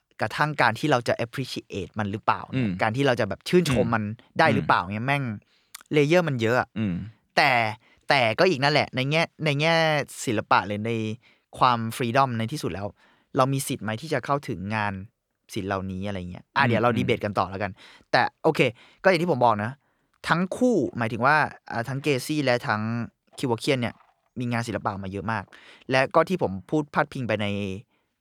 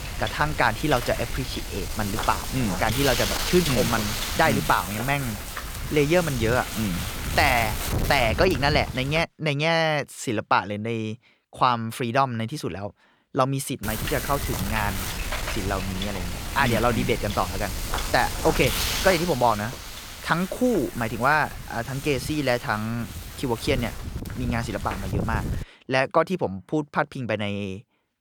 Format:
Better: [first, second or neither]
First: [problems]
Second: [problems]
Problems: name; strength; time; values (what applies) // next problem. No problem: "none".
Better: first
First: none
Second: wind noise on the microphone; heavy; until 9 s and from 14 to 26 s; 8 dB below the speech